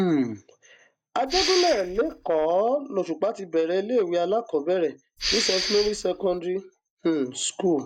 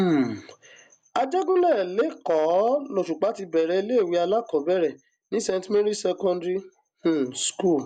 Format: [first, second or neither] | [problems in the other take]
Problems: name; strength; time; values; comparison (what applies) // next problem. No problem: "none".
second | noise reduction (neural mask model DeepFilterNet 3)